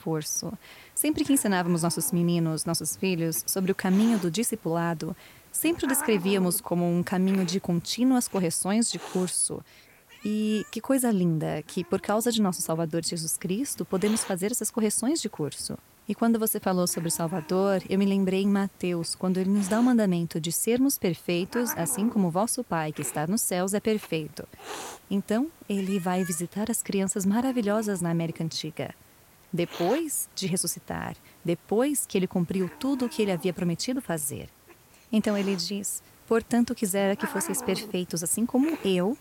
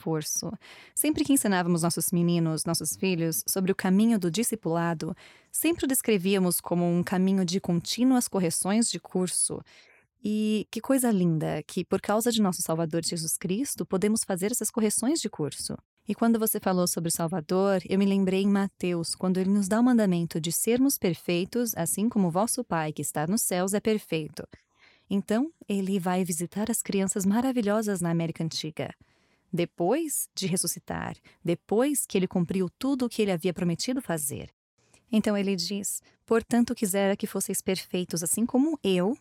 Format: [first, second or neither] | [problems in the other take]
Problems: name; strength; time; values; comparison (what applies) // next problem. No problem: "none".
second | hiss; noticeable; throughout; 20 dB below the speech